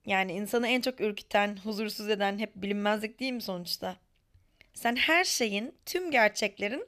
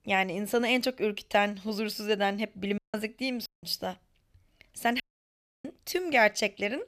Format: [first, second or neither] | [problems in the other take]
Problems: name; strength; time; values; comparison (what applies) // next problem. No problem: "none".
first | audio cutting out; at 3 s, at 3.5 s and at 5 s for 0.5 s